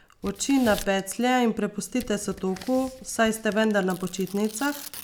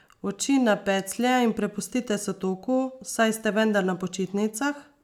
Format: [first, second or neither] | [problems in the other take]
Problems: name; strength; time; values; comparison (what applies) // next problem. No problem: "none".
second | background sound (Tearing); 17 dB below the speech